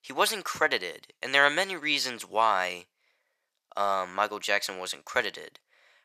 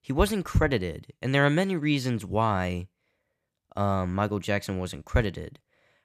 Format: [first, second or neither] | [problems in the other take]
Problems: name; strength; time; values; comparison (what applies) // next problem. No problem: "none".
second | thin; very; fading below 750 Hz